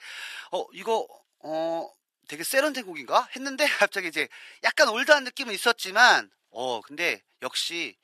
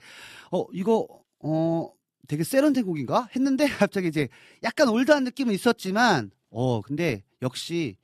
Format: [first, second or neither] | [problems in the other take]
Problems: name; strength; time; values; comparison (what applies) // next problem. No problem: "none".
second | thin; very; fading below 750 Hz